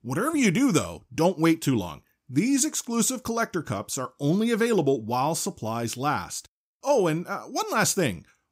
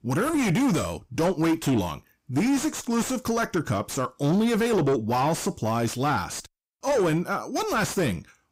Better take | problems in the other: first | distortion; heavy; 7 dB below the speech

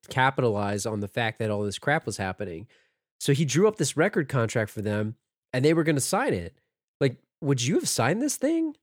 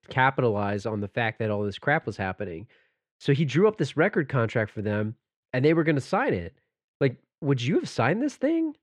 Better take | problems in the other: first | muffled; slightly; fading above 2.5 kHz

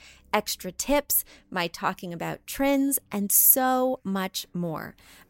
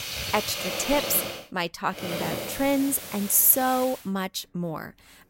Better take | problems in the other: first | hiss; loud; until 1.5 s and from 2 to 4 s; 7 dB below the speech

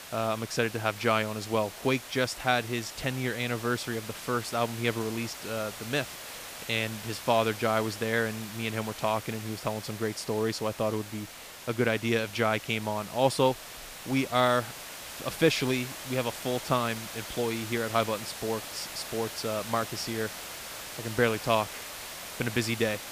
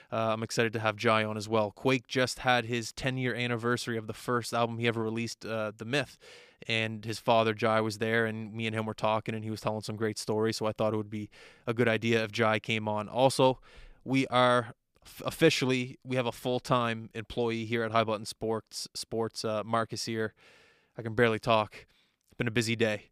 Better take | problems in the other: second | hiss; noticeable; throughout; 10 dB below the speech

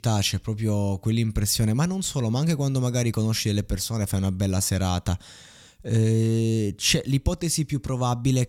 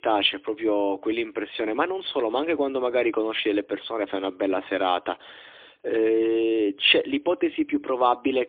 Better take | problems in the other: first | phone-call audio; poor line; nothing above 3.5 kHz

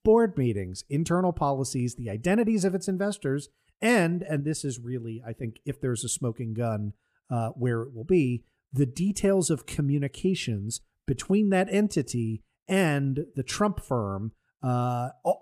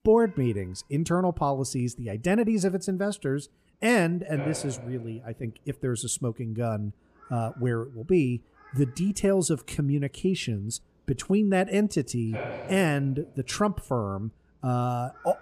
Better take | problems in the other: first | animal sounds; noticeable; throughout; 15 dB below the speech

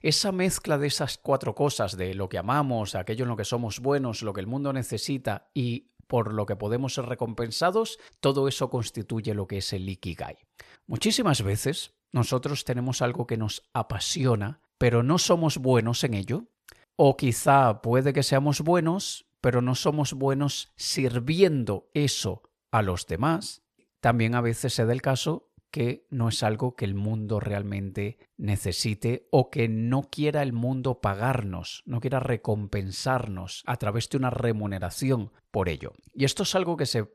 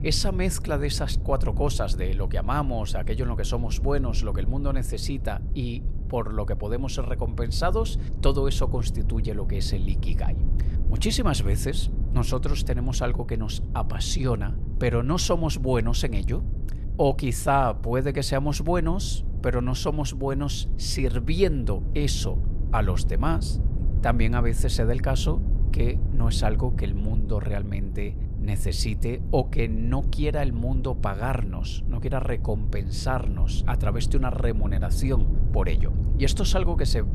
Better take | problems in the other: first | low rumble; noticeable; throughout; 15 dB below the speech

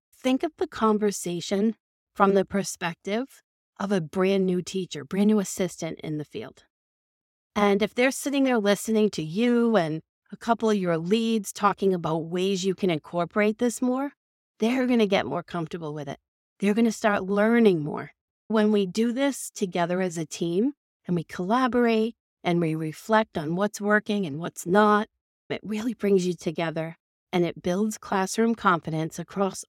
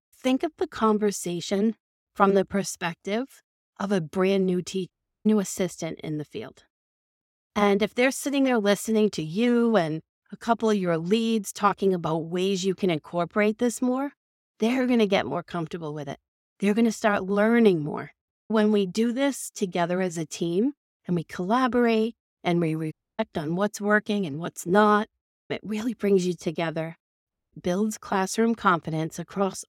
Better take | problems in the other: first | audio cutting out; at 5 s, at 23 s and at 27 s

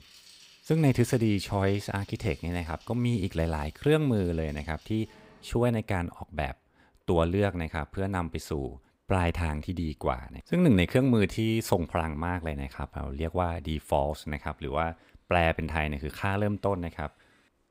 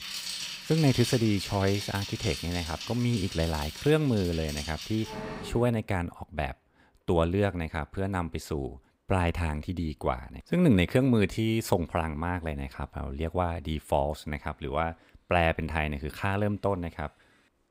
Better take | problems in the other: first | traffic noise; loud; until 5.5 s; 8 dB below the speech; faint in the first

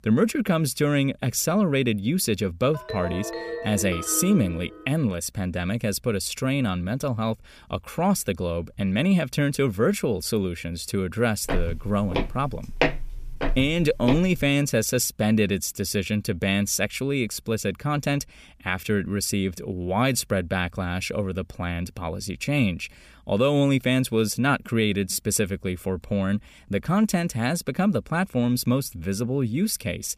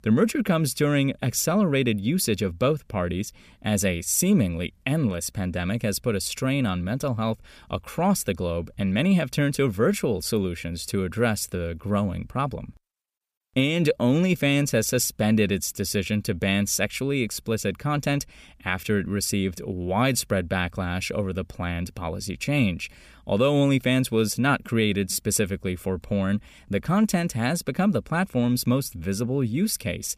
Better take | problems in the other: second | phone ringing; noticeable; from 2.5 to 5 s; peak 8 dB below the speech // footsteps; noticeable; from 11 to 14 s; peak level with the speech

